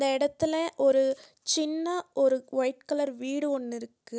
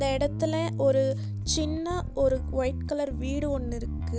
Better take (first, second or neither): first